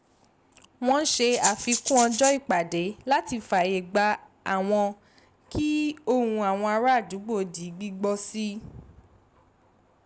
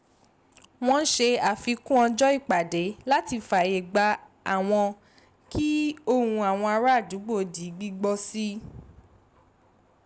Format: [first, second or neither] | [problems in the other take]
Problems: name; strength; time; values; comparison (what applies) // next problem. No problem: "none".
second | background sound (Rattle (instrument)); 2 dB below the speech